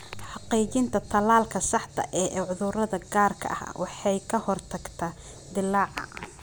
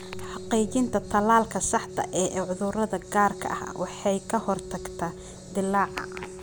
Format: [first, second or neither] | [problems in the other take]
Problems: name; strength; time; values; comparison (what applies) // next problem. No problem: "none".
first | background sound (Organ); 14 dB below the speech